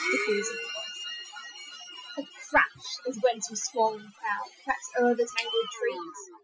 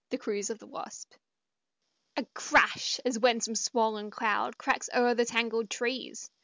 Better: second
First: noise reduction (classical method Wiener filter)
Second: none

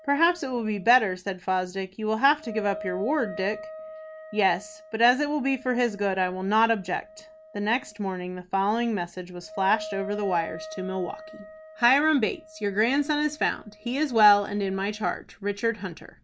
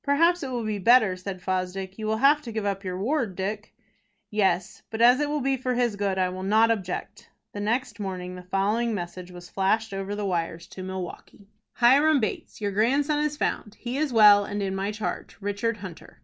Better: second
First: background sound (Wind instrument, woodwind instrument); 16 dB below the speech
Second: none

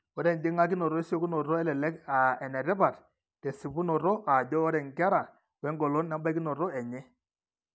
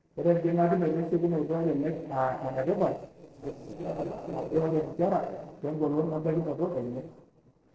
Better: first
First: none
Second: noise reduction (neural separator model SepFormer DNS4)

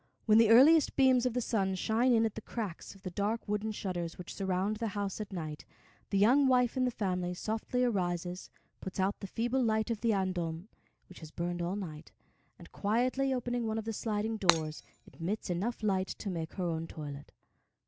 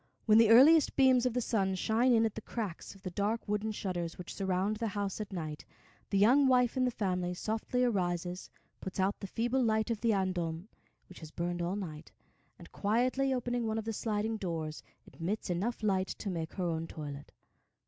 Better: second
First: background sound (Shatter); 4 dB below the speech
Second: none

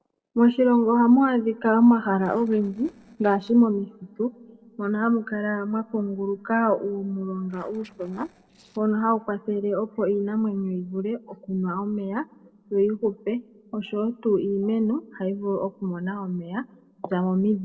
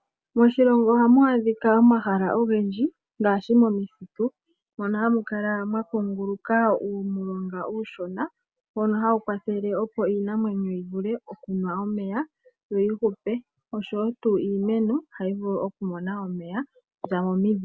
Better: second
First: noise reduction (neural separator model SepFormer DNS4)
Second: none

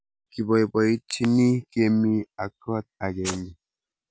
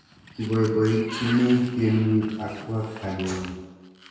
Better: first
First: none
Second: background sound (Sliding door); 16 dB below the speech // room echo; dies away in 1.2 s

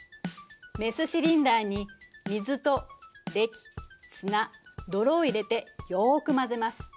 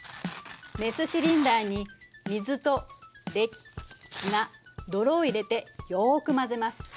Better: first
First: none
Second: background sound (Tearing); 17 dB below the speech

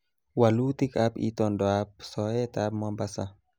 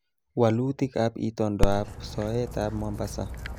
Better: first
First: none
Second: background sound (Dog); 1 dB below the speech

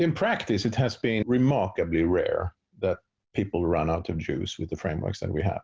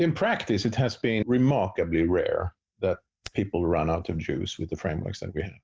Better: first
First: none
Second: noise reduction (neural mask model DeepFilterNet 3)

